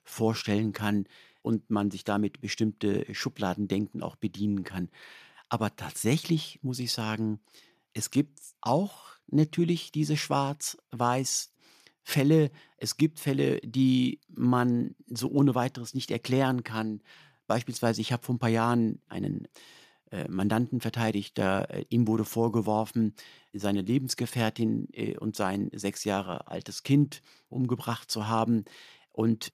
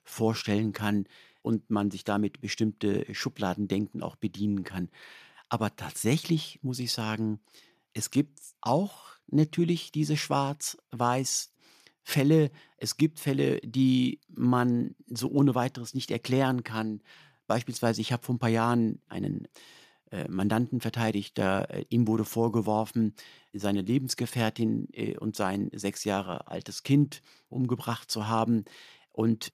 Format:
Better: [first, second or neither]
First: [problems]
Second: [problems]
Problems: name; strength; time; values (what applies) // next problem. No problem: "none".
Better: neither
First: none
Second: none